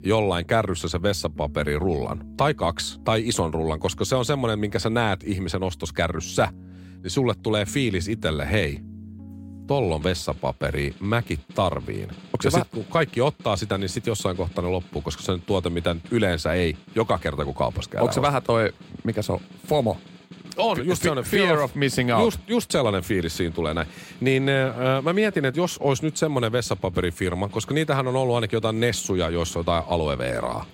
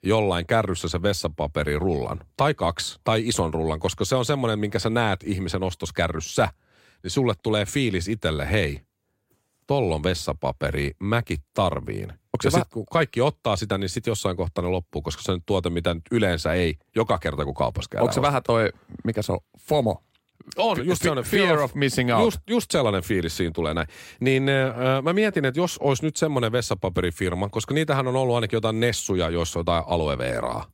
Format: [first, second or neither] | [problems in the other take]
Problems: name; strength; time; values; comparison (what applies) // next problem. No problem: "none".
second | background music; noticeable; throughout; 20 dB below the speech